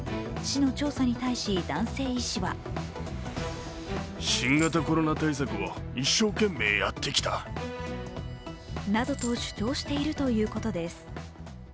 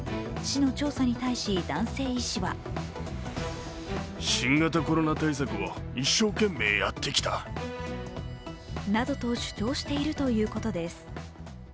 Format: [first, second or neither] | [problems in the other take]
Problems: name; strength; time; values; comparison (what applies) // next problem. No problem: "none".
second | background sound (Coin (dropping)); 15 dB below the speech